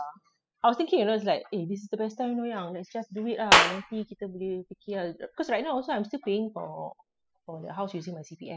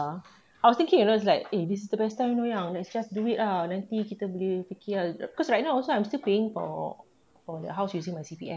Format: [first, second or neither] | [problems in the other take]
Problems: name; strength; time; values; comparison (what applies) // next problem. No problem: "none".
second | noise reduction (classical method spectral subtraction)